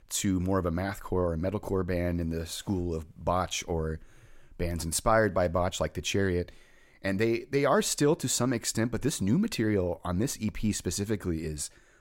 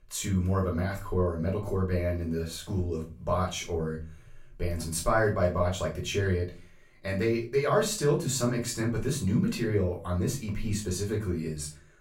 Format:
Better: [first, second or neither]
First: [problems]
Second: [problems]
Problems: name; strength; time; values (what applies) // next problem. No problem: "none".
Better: first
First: none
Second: room echo; slight; dies away in 0.3 s // off-mic speech; far